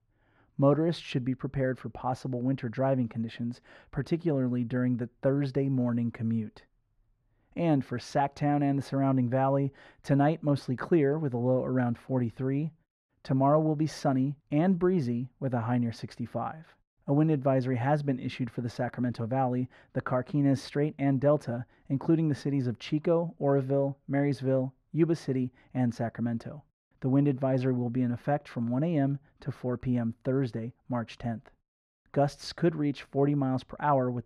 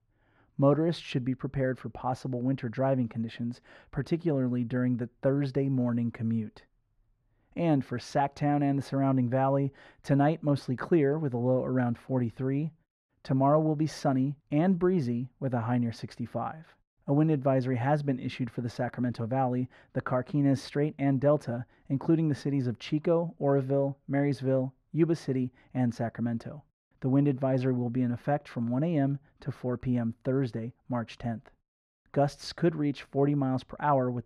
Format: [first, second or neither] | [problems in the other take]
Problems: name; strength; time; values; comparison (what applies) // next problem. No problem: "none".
neither | muffled; very; fading above 3.5 kHz; the same in both